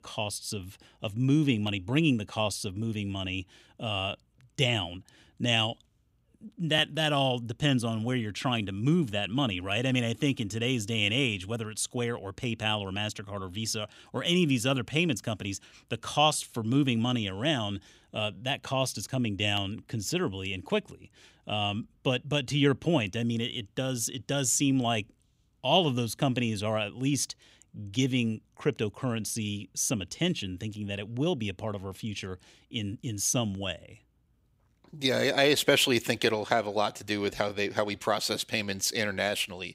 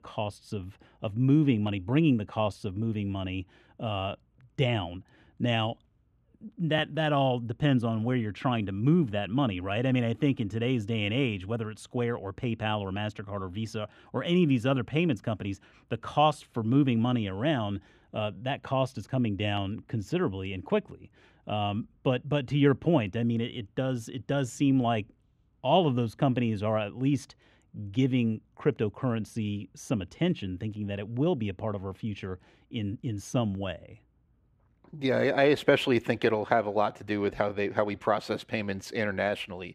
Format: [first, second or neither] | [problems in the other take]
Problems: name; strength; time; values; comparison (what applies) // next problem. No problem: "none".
first | muffled; very; fading above 3 kHz